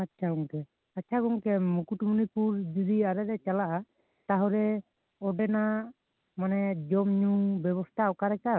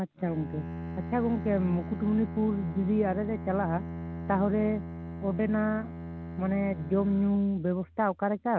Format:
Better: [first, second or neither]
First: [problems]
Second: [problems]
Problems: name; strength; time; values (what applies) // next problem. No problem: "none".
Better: first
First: none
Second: background sound (Bowed string instrument); 9 dB below the speech